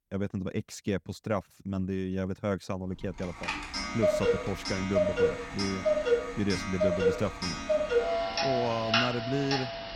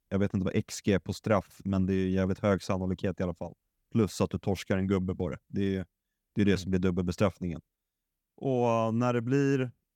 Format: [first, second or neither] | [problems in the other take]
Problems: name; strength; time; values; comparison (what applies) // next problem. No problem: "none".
second | household noises; very loud; from 3 s on; 4 dB above the speech